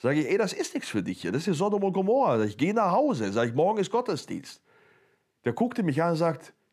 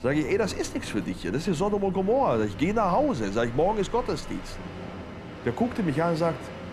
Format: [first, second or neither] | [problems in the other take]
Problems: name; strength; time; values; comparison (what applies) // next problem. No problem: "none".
first | train or aircraft noise; noticeable; throughout; 15 dB below the speech